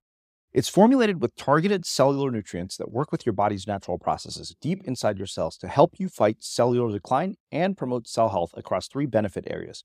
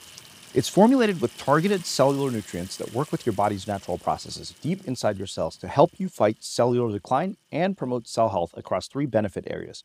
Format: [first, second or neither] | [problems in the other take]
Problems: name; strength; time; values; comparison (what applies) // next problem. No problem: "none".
first | household noises; noticeable; throughout; 20 dB below the speech